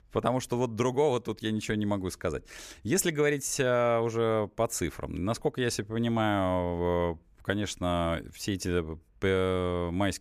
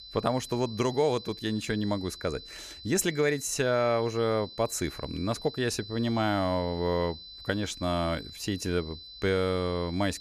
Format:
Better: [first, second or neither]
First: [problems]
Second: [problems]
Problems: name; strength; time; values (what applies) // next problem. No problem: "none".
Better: first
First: none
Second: high-pitched whine; noticeable; throughout; 4 kHz, 15 dB below the speech